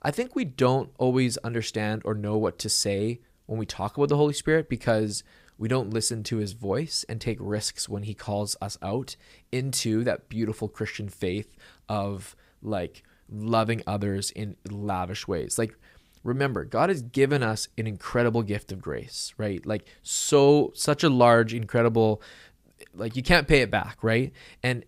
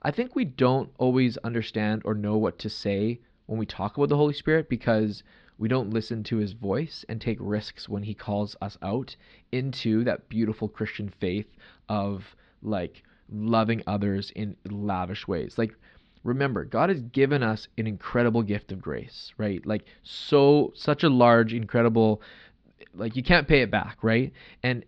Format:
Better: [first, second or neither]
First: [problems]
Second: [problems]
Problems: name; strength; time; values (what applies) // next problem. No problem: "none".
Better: first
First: none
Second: muffled; slightly; fading above 4 kHz